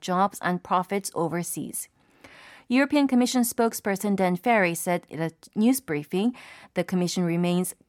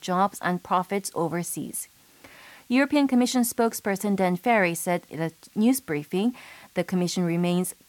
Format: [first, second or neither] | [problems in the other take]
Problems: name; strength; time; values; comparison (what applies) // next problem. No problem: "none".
first | hiss; faint; throughout; 30 dB below the speech